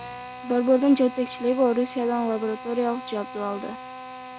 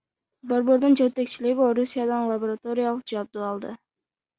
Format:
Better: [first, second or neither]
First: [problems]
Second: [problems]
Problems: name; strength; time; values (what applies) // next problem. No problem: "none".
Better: second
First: background sound (Drill); 14 dB below the speech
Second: none